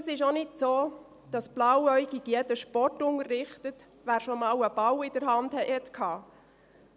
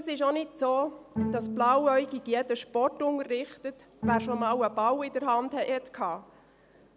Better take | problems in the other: first | background sound (Bowed string instrument); 9 dB below the speech

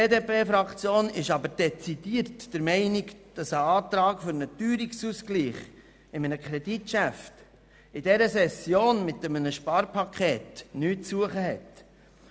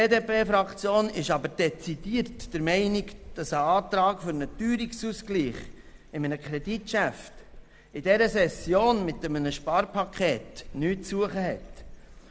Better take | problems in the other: first | background sound (Bird / Dog); 18 dB below the speech

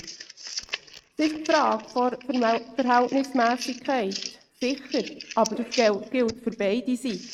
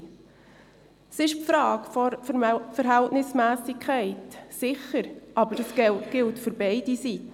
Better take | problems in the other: second | noise reduction (neural mask model RNNoise)

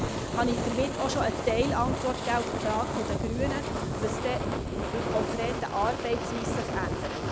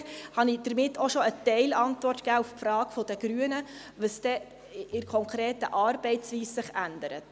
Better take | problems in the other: second | background sound (Fire); as loud as the speech

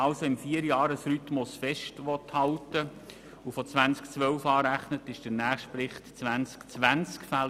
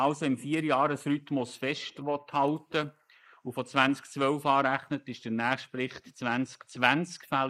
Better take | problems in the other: first | noise reduction (neural mask model Resemble Enhance denoiser)

